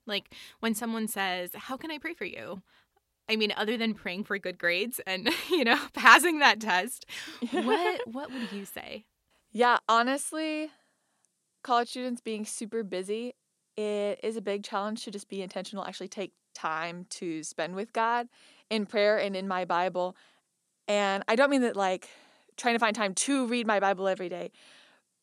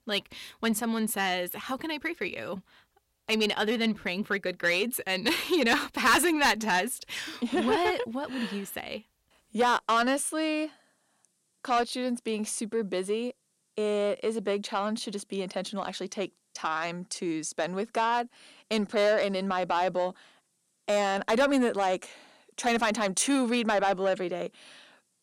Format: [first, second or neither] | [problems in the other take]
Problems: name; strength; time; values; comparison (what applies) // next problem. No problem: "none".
first | distortion; heavy; 8 dB below the speech